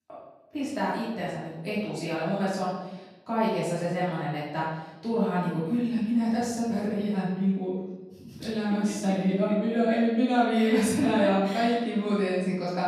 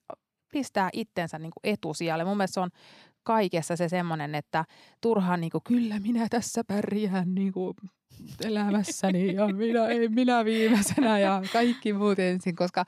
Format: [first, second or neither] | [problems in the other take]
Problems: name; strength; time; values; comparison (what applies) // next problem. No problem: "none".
second | off-mic speech; far // room echo; noticeable; dies away in 0.9 s